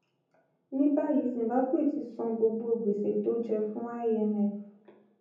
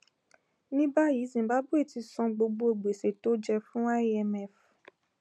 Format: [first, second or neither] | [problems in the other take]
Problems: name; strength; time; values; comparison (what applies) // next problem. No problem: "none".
second | room echo; dies away in 0.7 s